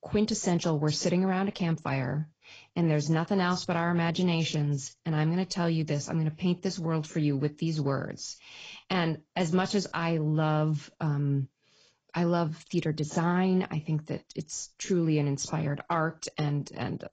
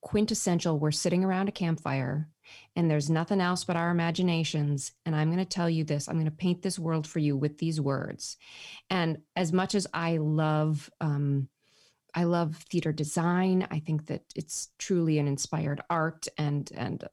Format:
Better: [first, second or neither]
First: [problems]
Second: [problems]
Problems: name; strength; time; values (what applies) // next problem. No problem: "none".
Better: second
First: garbled, watery; badly; nothing above 7.5 kHz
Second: none